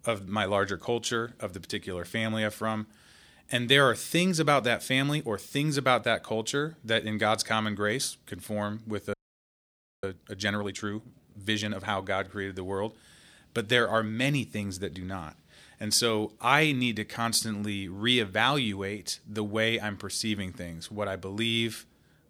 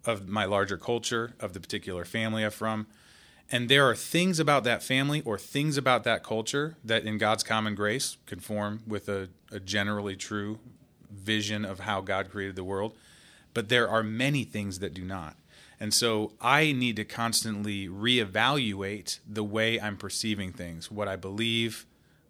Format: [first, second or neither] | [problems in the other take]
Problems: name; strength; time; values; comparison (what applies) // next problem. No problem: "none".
second | audio freezing; at 9 s for 1 s